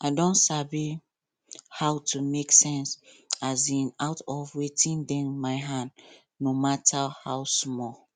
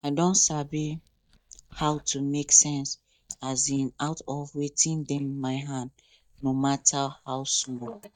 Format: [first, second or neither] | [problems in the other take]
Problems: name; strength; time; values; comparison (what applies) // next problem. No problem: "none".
first | noise reduction (neural mask model DeepFilterNet 3)